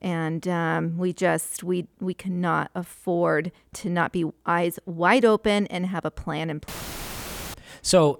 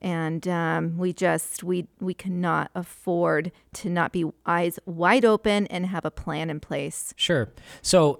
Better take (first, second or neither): second